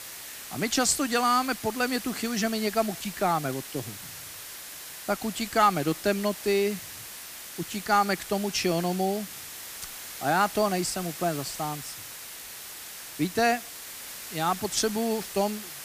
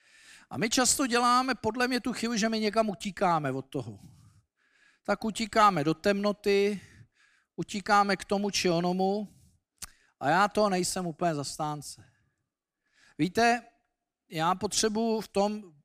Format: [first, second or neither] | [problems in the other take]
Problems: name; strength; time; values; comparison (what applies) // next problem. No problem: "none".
second | hiss; noticeable; throughout; 10 dB below the speech